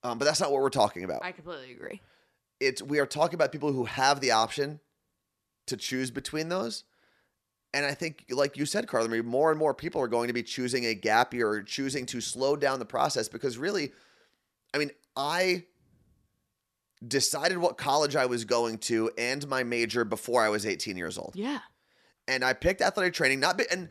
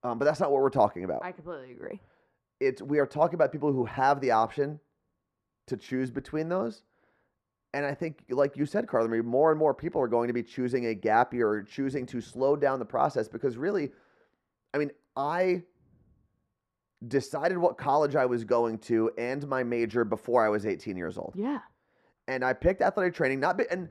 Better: first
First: none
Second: muffled; very; fading above 2.5 kHz

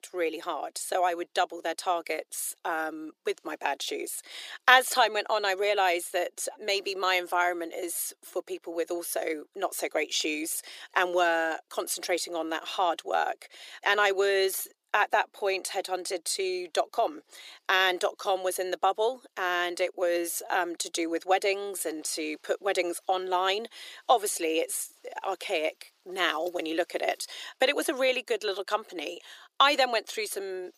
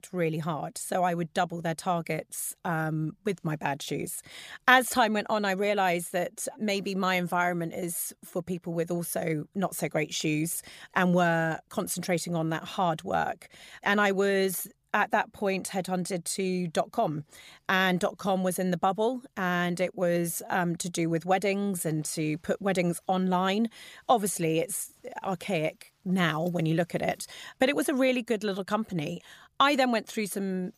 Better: second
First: thin; very; fading below 350 Hz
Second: none

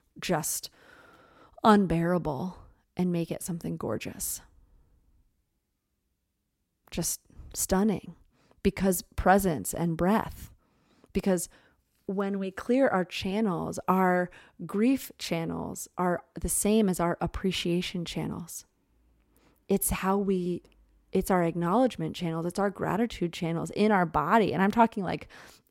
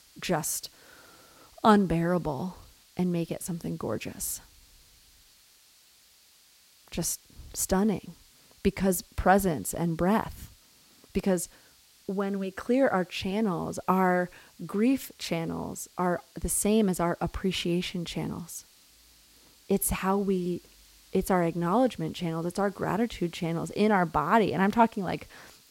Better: first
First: none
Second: hiss; faint; throughout; 30 dB below the speech

